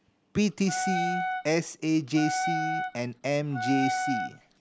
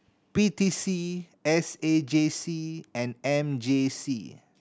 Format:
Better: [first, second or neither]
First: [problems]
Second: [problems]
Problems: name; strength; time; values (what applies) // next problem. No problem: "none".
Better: second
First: background sound (Wind instrument, woodwind instrument); 2 dB below the speech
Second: none